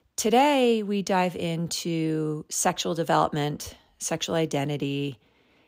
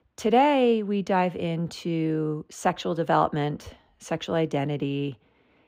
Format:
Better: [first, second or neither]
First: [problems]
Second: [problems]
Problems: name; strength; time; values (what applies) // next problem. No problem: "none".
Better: first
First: none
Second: muffled; slightly; fading above 4 kHz